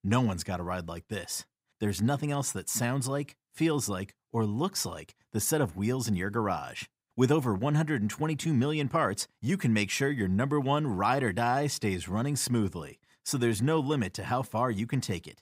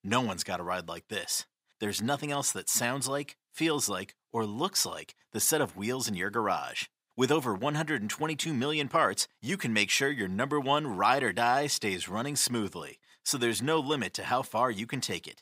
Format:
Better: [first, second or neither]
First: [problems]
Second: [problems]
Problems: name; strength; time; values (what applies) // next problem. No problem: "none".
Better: first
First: none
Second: thin; somewhat; fading below 1 kHz